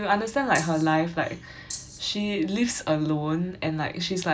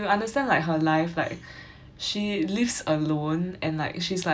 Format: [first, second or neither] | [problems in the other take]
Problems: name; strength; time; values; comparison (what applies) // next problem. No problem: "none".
second | background sound (Rattle (instrument)); 13 dB below the speech